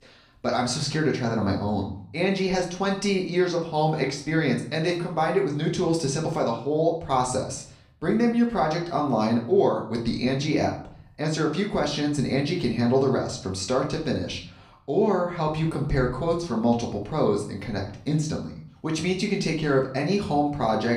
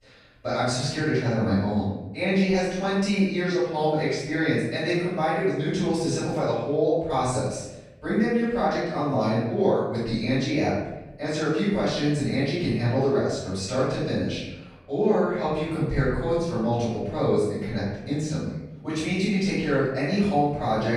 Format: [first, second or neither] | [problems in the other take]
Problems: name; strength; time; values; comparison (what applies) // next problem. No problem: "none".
first | room echo; strong; dies away in 0.9 s; slight in the first // off-mic speech; far; far in the first